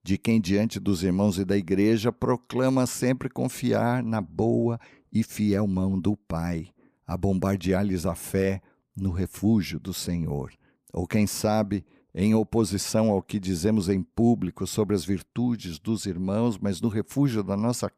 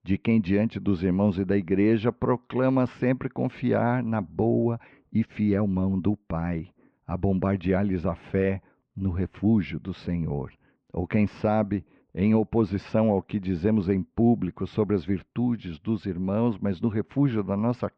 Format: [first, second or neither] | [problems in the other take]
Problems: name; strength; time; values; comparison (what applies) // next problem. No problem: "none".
first | muffled; very; fading above 3 kHz